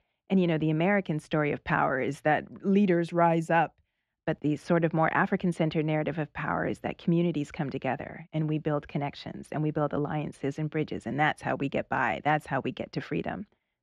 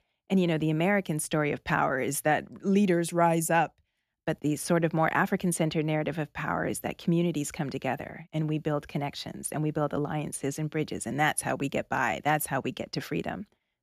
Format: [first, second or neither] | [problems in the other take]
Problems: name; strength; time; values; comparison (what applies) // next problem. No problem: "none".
second | muffled; slightly; fading above 3 kHz